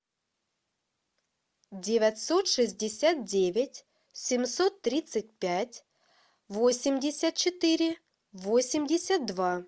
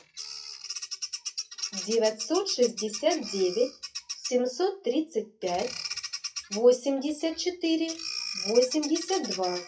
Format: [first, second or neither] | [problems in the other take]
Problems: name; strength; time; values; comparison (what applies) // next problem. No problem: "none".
first | noise reduction (classical method WPE with log-MMSE)